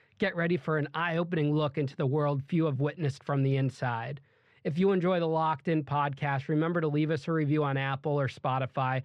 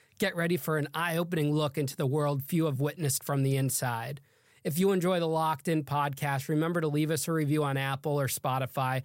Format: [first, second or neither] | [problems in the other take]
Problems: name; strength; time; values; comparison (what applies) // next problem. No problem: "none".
second | muffled; slightly; fading above 3 kHz